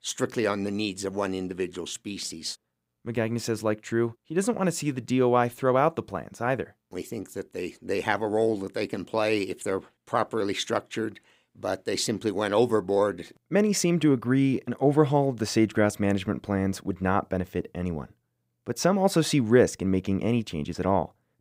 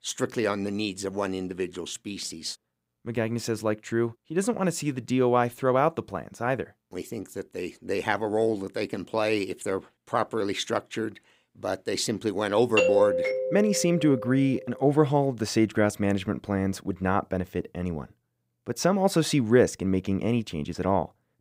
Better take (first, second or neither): first